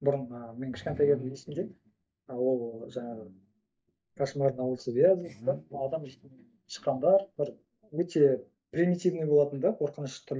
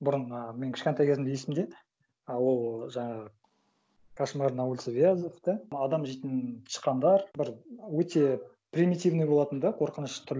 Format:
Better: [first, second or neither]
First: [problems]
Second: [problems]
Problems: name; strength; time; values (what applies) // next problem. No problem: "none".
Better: second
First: noise reduction (neural mask model DeepFilterNet 3)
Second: none